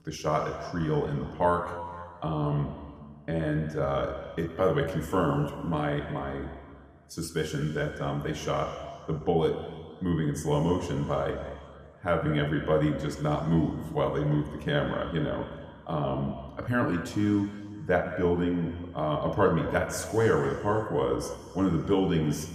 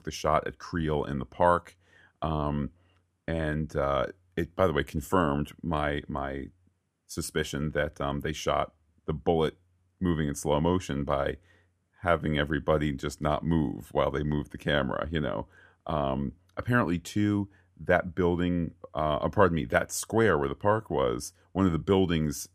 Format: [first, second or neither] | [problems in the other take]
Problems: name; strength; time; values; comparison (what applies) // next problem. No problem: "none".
second | room echo; slight; dies away in 2 s